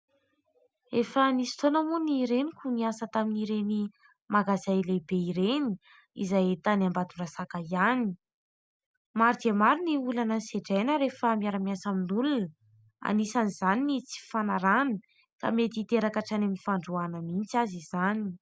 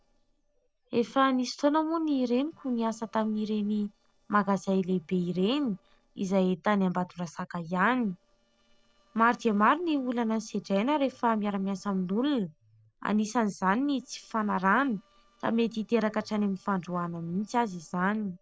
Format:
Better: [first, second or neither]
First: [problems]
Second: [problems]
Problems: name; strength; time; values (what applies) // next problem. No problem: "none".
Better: first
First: none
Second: noise reduction (neural separator model SepFormer DNS4)